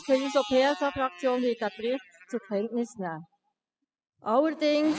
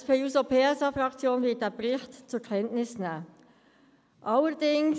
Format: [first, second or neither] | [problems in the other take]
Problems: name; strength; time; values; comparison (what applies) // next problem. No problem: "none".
second | noise reduction (classical method spectral subtraction)